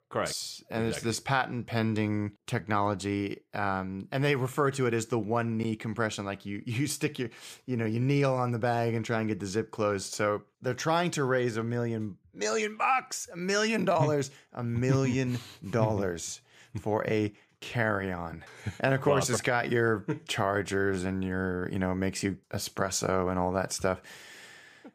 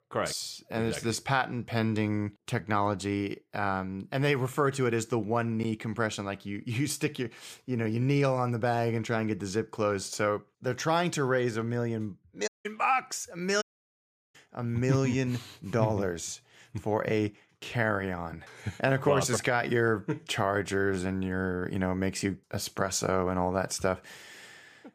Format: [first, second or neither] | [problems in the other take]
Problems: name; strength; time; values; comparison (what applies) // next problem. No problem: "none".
first | audio cutting out; at 12 s and at 14 s for 0.5 s